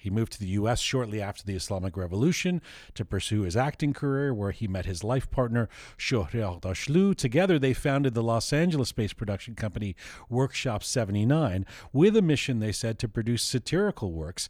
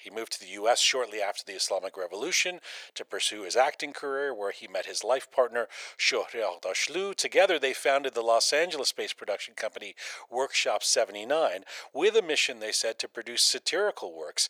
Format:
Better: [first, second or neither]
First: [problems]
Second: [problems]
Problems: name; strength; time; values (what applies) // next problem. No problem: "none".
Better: first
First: none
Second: thin; very; fading below 500 Hz